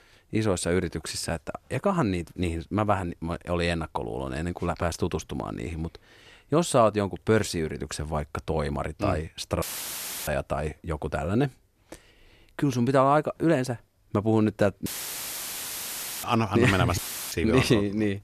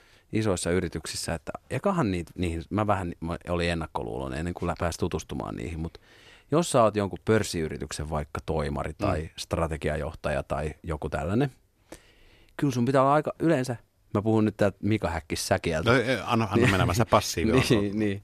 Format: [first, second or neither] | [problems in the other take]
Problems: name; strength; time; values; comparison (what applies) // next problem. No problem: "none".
second | audio cutting out; filled with static; at 9.5 s for 0.5 s, at 15 s for 1.5 s and at 17 s